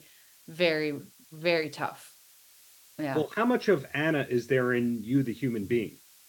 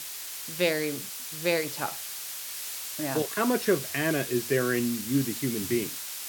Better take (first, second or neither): first